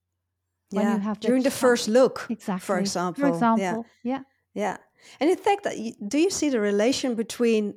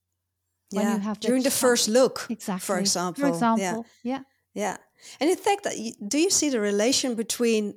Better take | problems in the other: second | muffled; slightly; fading above 3.5 kHz

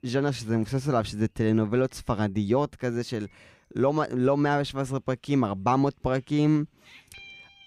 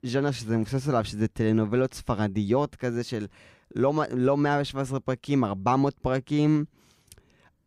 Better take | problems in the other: second | animal sounds; faint; throughout; 25 dB below the speech

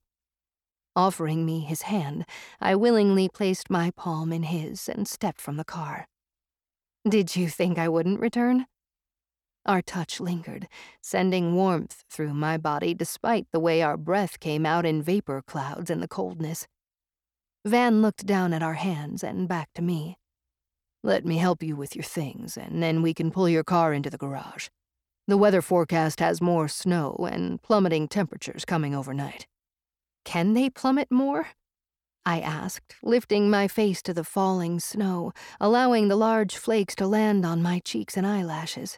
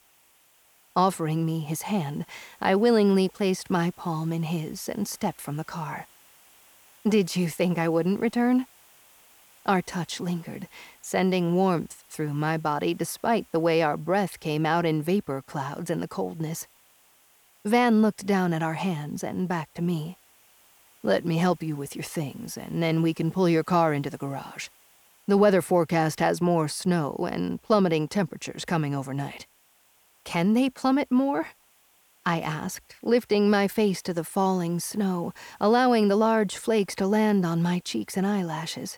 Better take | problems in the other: first | hiss; faint; throughout; 30 dB below the speech

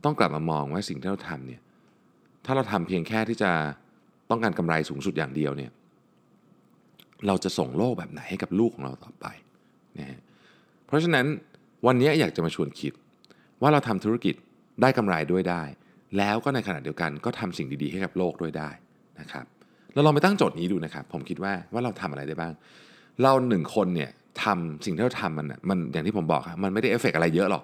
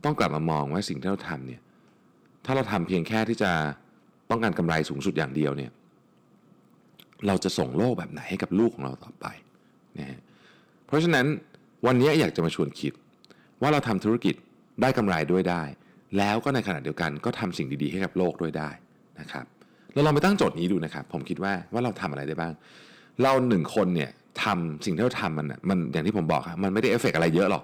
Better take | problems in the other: first | distortion; slight; 1.5% of the sound clipped

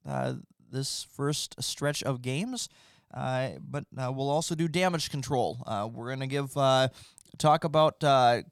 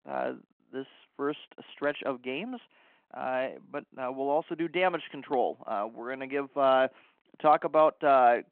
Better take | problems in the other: first | phone-call audio

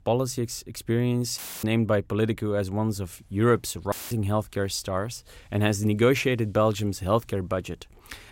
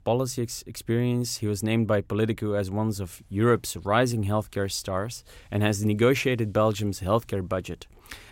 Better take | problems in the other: second | audio cutting out; filled with static; at 1.5 s and at 4 s

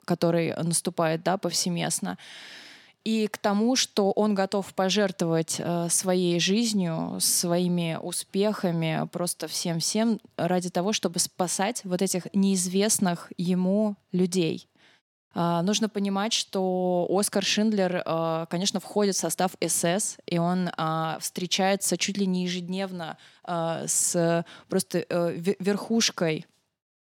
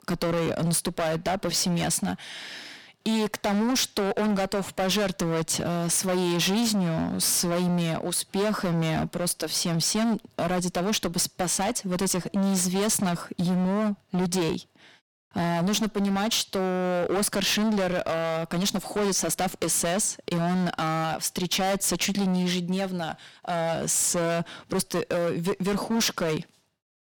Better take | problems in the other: first | distortion; heavy; 24% of the sound clipped

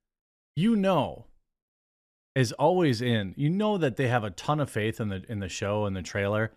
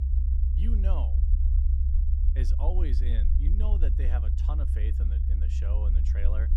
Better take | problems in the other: first | low rumble; loud; throughout; 2 dB below the speech

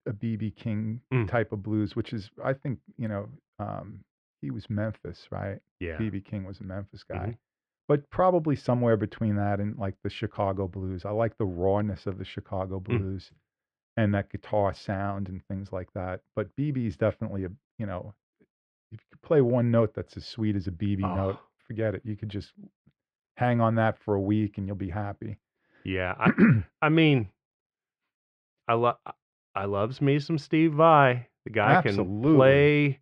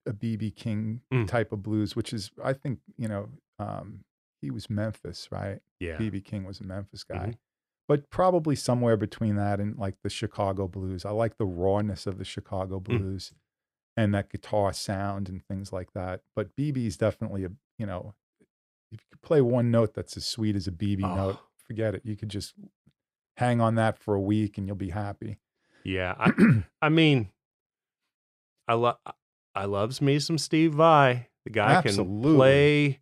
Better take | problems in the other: second | muffled; slightly; fading above 2.5 kHz

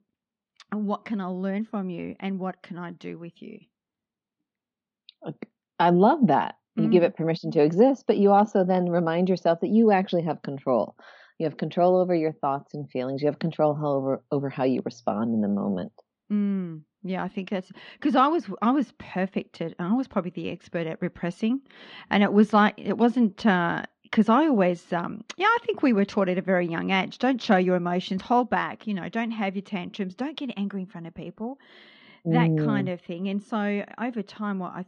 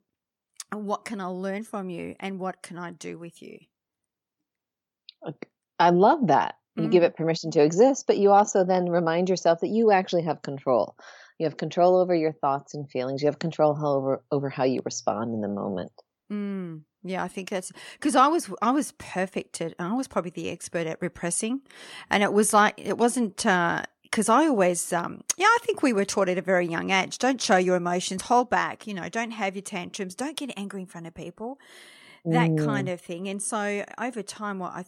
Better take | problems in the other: second | muffled; slightly; fading above 4 kHz

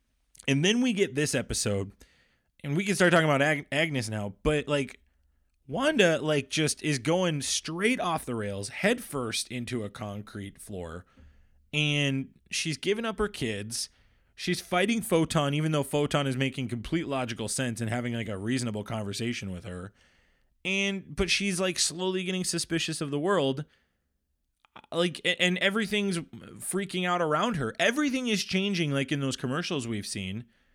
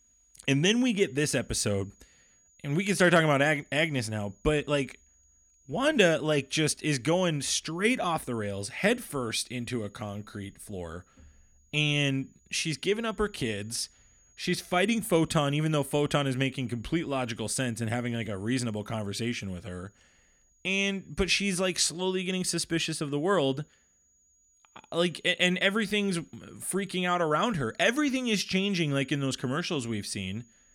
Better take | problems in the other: first | high-pitched whine; faint; throughout; 7 kHz, 35 dB below the speech

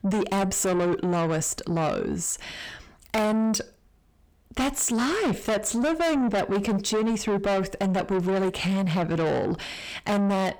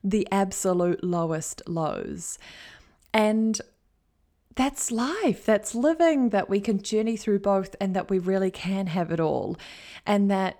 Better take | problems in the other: second | distortion; heavy; 6 dB below the speech

